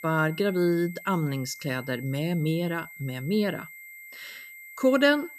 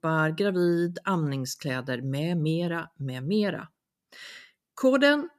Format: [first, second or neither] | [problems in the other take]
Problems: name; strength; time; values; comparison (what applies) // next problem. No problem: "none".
second | high-pitched whine; noticeable; throughout; 2 kHz, 15 dB below the speech